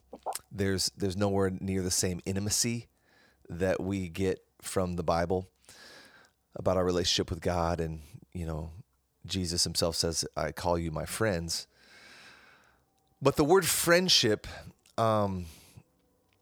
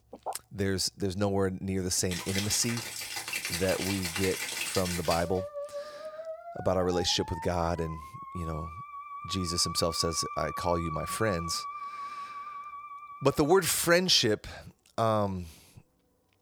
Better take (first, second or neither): first